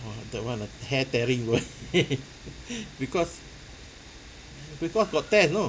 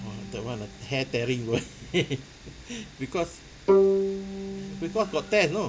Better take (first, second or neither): first